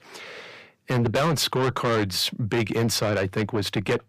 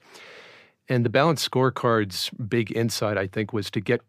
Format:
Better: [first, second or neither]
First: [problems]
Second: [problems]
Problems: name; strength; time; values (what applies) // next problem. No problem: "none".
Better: second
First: distortion; heavy; 6 dB below the speech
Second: none